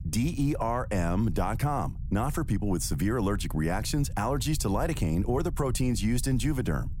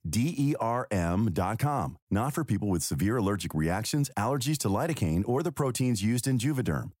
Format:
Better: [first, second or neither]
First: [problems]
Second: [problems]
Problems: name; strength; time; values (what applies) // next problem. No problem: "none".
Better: second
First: low rumble; faint; throughout; 25 dB below the speech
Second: none